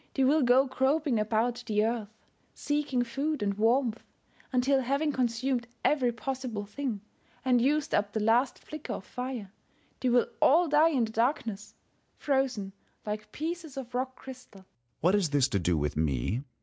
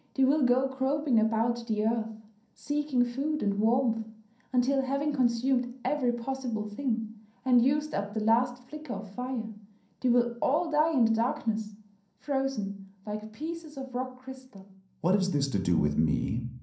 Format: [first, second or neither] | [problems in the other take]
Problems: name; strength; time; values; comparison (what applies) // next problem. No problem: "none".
first | room echo; dies away in 0.6 s